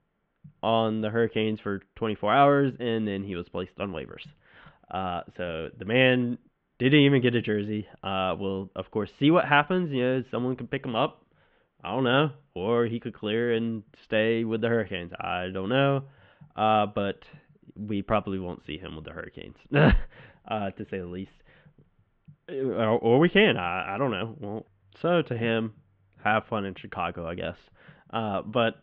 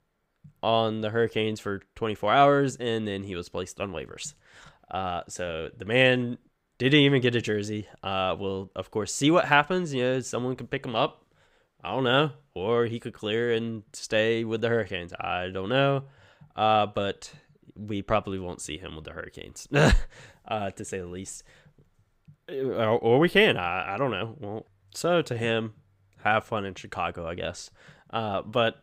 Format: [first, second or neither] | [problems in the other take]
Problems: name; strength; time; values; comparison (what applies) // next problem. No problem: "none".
second | muffled; very slightly; fading above 3 kHz